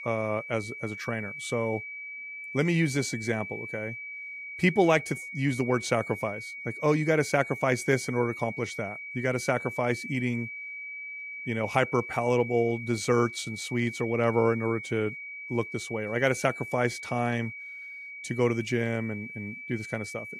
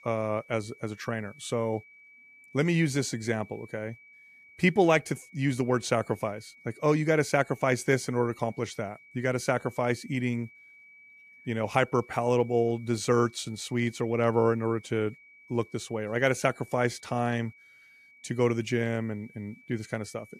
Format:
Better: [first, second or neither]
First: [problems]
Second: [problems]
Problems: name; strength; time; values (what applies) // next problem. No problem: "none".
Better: second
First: high-pitched whine; loud; throughout; 2.5 kHz, 9 dB below the speech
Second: high-pitched whine; faint; throughout; 2.5 kHz, 25 dB below the speech